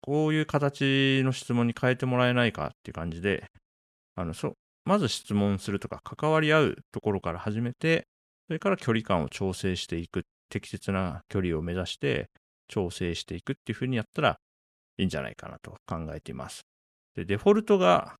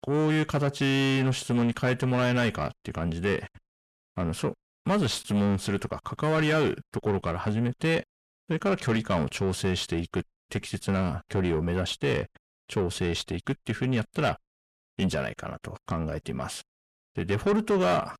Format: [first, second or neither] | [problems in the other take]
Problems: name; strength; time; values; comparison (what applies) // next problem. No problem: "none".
first | distortion; heavy; 7 dB below the speech